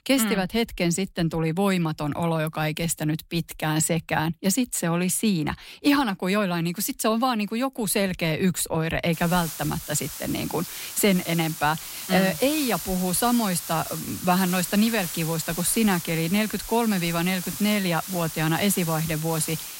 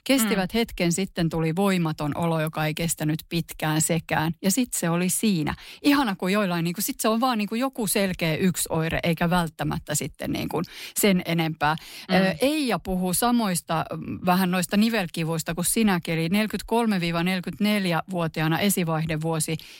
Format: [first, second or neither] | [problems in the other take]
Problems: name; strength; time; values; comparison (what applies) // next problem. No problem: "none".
second | hiss; loud; from 9 s on; 8 dB below the speech